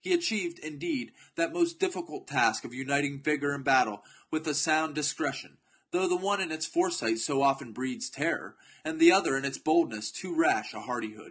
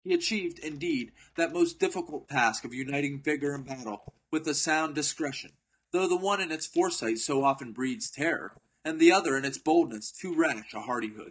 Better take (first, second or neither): first